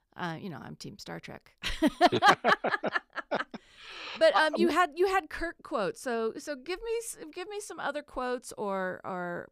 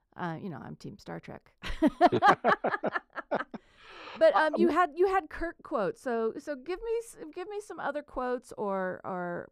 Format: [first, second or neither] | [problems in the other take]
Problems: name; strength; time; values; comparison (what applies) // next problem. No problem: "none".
first | muffled; slightly; fading above 2 kHz